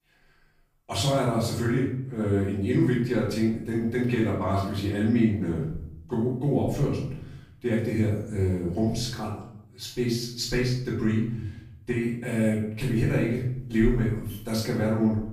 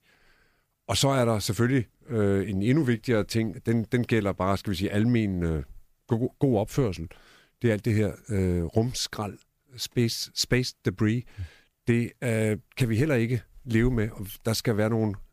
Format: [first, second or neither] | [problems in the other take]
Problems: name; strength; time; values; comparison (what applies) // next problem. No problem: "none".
second | off-mic speech; far // room echo; noticeable; dies away in 0.6 s